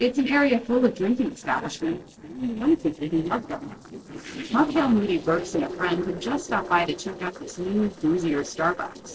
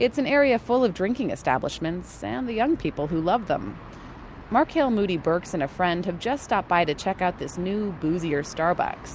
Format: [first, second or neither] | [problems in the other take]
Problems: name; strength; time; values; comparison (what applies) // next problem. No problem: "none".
second | noise reduction (neural separator model SepFormer DNS4)